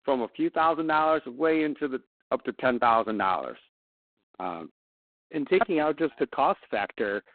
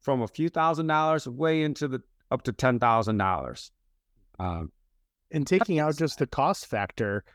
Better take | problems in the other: second | phone-call audio; poor line; nothing above 4 kHz

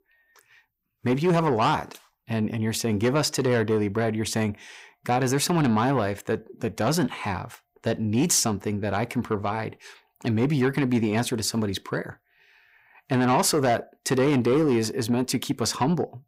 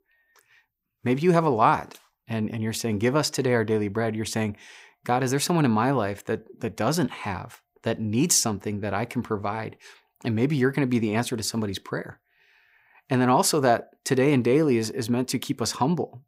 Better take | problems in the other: second | distortion; slight; 10 dB below the speech

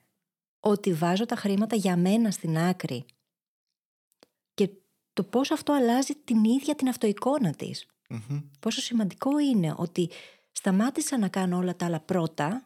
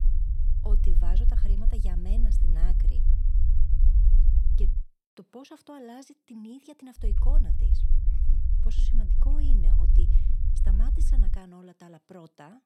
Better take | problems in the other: first | low rumble; loud; until 5 s and from 7 to 11 s; 1 dB below the speech

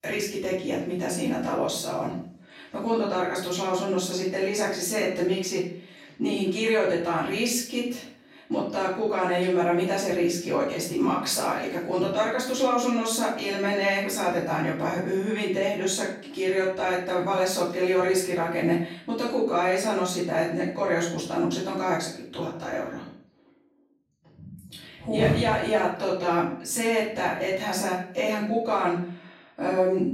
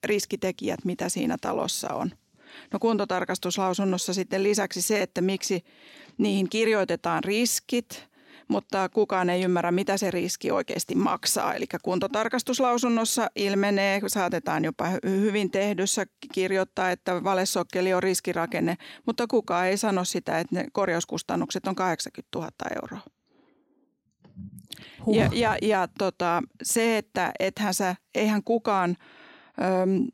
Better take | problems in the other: second | off-mic speech; far // room echo; noticeable; dies away in 0.5 s

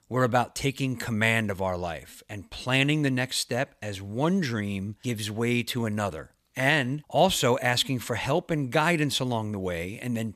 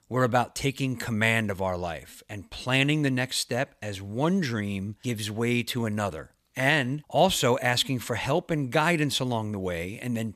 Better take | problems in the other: neither | none

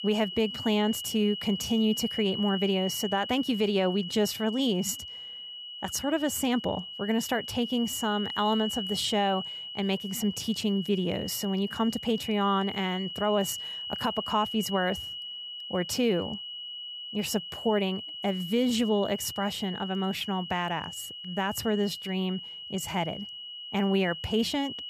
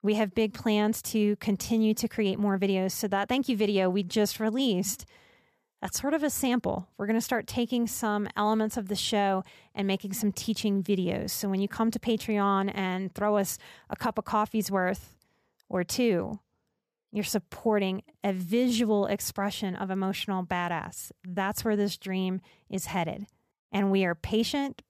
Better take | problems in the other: second | high-pitched whine; loud; throughout; 3 kHz, 7 dB below the speech

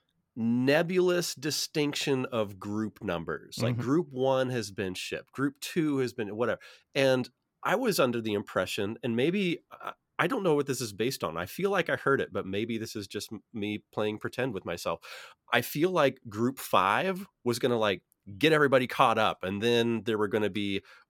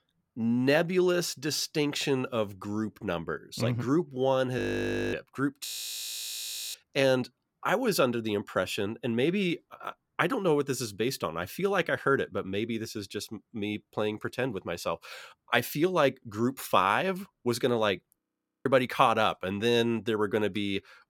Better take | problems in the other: first | audio freezing; at 4.5 s for 0.5 s, at 5.5 s for 1 s and at 18 s

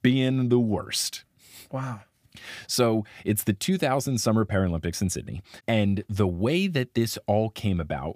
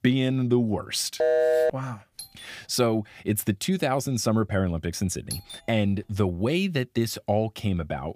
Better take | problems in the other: first | phone ringing; loud; at 1 s; peak 5 dB above the speech // doorbell; faint; at 2 s; peak 15 dB below the speech // doorbell; noticeable; at 5.5 s; peak 9 dB below the speech

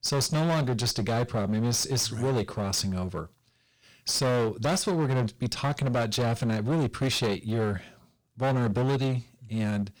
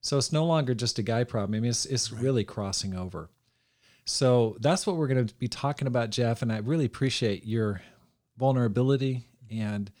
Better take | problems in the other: second | distortion; heavy; 20% of the sound clipped

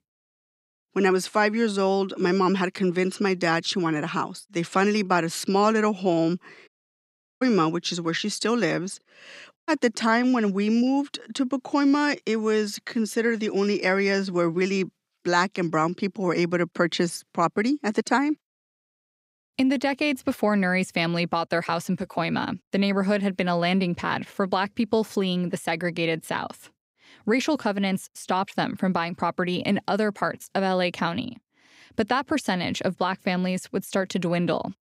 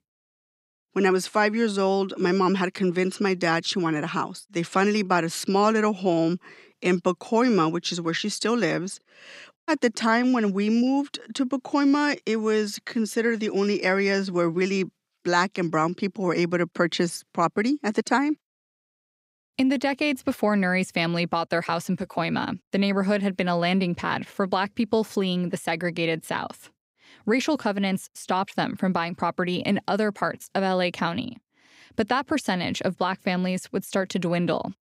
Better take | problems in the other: second | audio cutting out; at 6.5 s for 0.5 s

